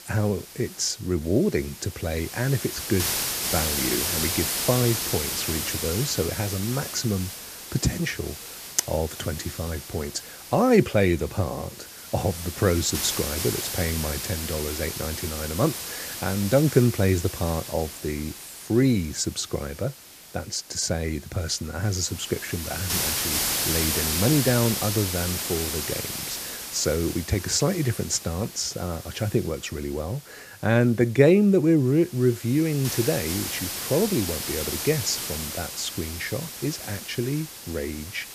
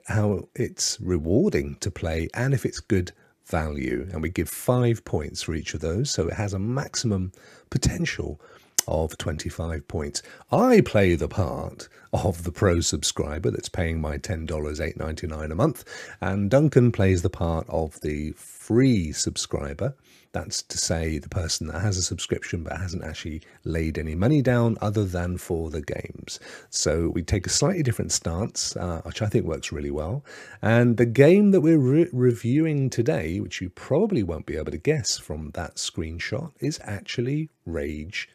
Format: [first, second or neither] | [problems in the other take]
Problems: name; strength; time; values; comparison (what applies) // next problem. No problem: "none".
second | hiss; loud; throughout; 3 dB below the speech